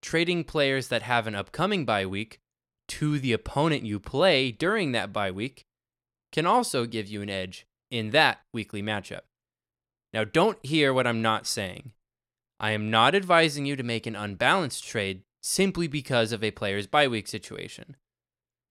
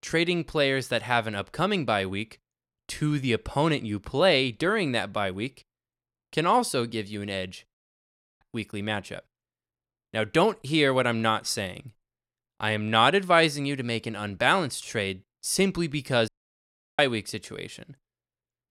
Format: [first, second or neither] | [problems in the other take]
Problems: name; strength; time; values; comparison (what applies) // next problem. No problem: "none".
first | audio cutting out; at 7.5 s for 0.5 s and at 16 s for 0.5 s